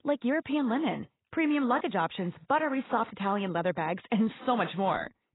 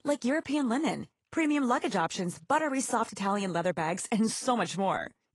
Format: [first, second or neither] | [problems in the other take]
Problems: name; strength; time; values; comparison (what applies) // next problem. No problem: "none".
second | garbled, watery; badly; nothing above 4 kHz; slightly in the second